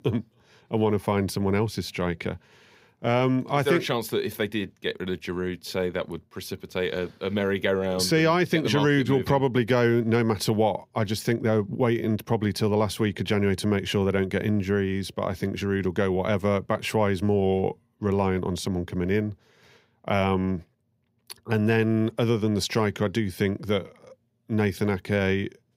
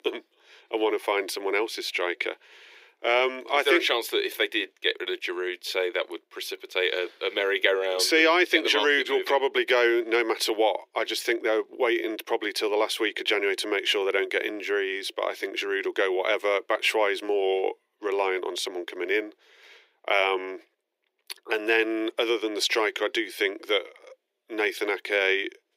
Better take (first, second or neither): first